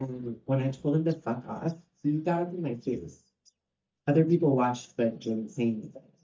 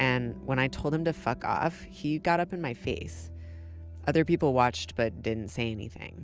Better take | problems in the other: second | noise reduction (neural mask model DeepFilterNet 3)

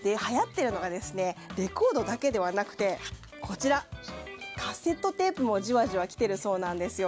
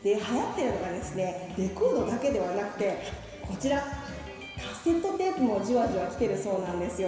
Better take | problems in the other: first | room echo; dies away in 2.2 s

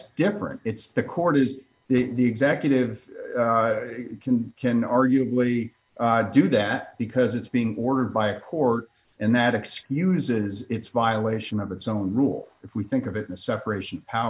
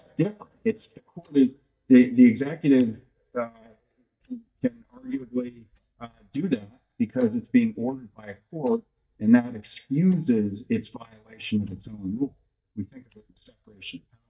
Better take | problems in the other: first | noise reduction (neural mask model DeepFilterNet 3)

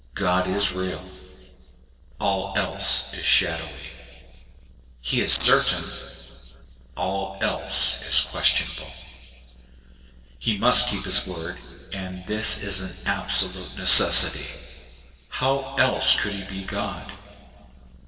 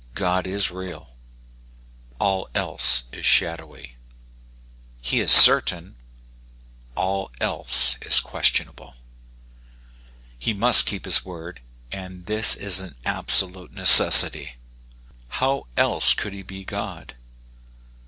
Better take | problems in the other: second | noise reduction (neural separator model SepFormer DNS4)

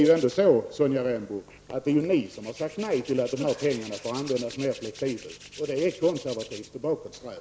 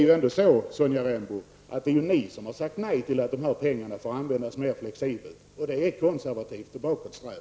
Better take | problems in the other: second | background sound (Hands); 18 dB below the speech

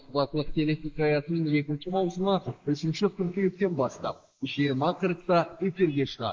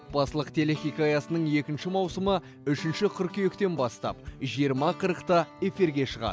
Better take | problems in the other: second | noise reduction (neural mask model Resemble Enhance denoiser)

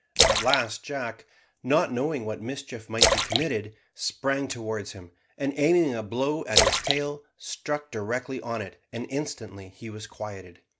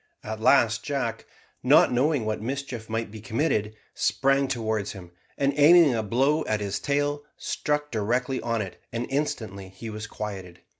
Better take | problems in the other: second | background sound (Splash, splatter); 1 dB above the speech

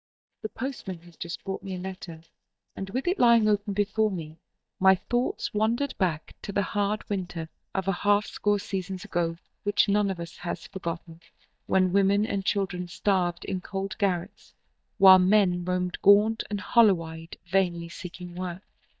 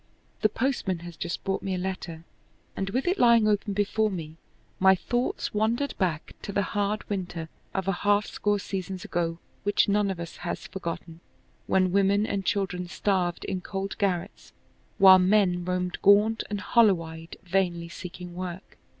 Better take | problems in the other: second | noise reduction (neural mask model DeepFilterNet 3)

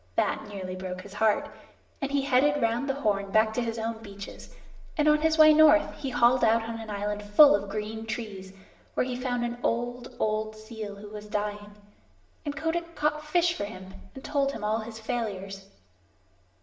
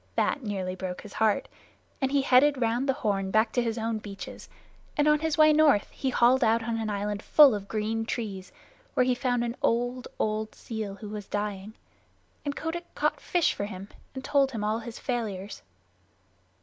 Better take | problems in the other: second | room echo; dies away in 0.8 s

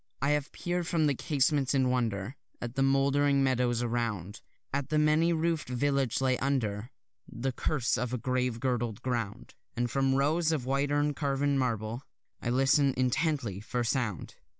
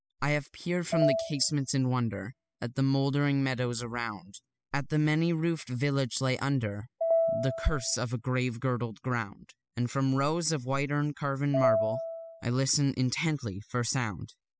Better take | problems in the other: first | noise reduction (classical method spectral subtraction)

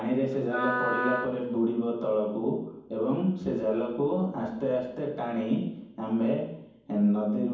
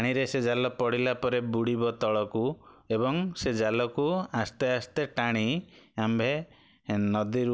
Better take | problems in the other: second | background sound (Wind instrument, woodwind instrument); 5 dB below the speech // room echo; dies away in 1.2 s

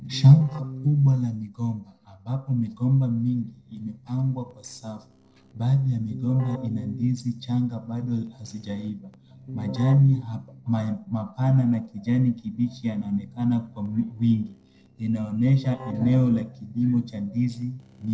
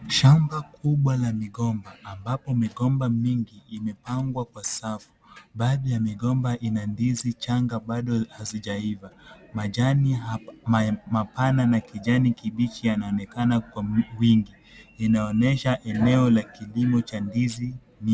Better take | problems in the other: second | noise reduction (neural separator model SepFormer DNS4)

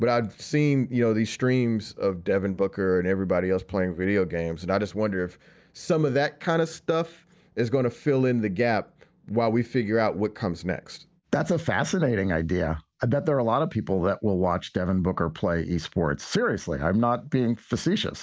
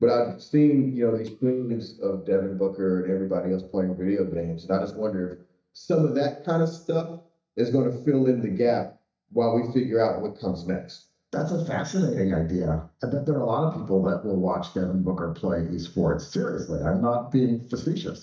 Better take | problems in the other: first | noise reduction (neural mask model DeepFilterNet 3)

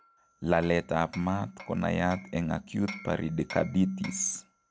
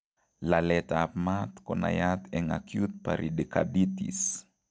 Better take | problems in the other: second | background sound (Hammer); 19 dB below the speech

